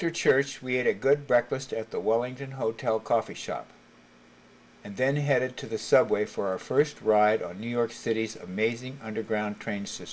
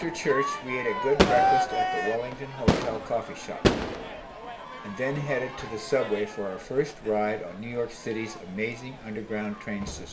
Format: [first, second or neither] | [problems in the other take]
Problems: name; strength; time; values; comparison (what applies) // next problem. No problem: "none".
first | background sound (Crowd / Fireworks); as loud as the speech // room echo; dies away in 1.5 s